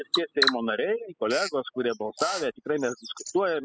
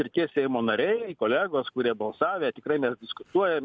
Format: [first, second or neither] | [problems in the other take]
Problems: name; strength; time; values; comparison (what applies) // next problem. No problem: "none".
second | noise reduction (classical method spectral subtraction)